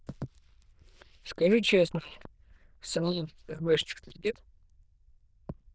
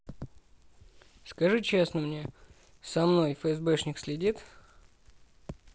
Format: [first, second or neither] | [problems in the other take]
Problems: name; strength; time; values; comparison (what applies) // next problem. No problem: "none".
second | noise reduction (neural diffusion model UNIVERSE++)